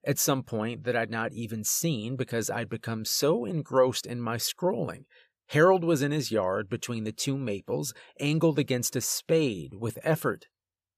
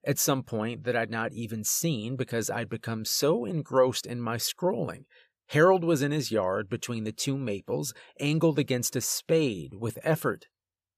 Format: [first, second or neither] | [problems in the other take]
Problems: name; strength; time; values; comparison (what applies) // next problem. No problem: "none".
neither | none